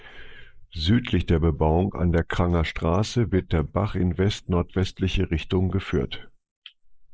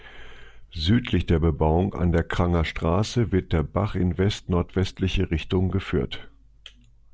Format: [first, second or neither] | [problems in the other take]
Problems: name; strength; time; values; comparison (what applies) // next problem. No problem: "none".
second | noise reduction (neural mask model Resemble Enhance denoiser)